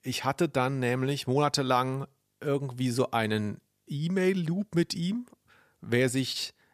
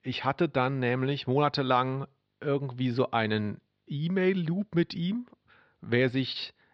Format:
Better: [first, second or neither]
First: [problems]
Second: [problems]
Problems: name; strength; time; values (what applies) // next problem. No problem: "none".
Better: first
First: none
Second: muffled; very slightly; fading above 4 kHz